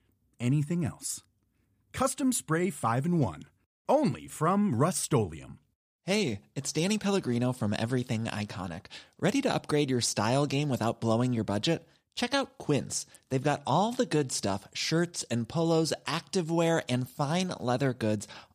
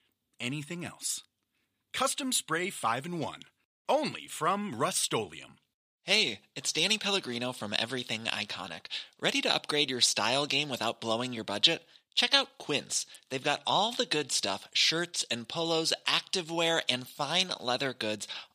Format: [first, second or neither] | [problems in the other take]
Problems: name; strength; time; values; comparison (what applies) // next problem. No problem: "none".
first | thin; somewhat; fading below 650 Hz